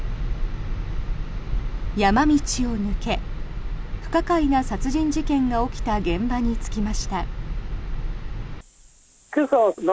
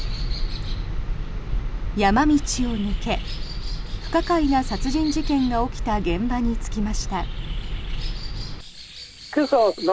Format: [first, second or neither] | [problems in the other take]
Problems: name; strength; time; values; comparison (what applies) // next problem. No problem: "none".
first | background sound (Bird); 17 dB below the speech